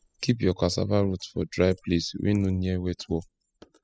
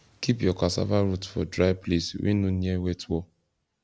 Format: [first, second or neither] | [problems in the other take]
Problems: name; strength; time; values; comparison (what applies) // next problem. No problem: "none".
second | noise reduction (classical method spectral subtraction)